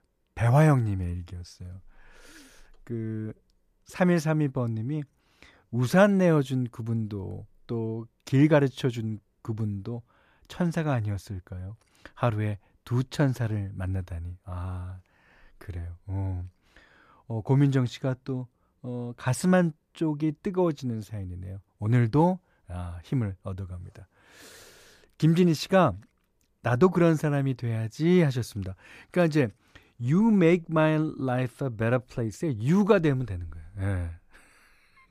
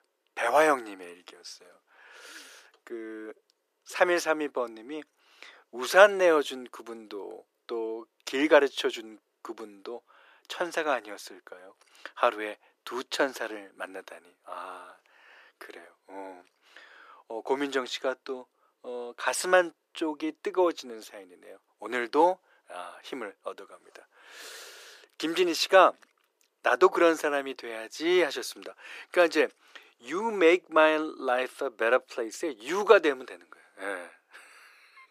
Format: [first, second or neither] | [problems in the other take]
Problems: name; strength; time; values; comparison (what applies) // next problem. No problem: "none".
first | thin; very; fading below 350 Hz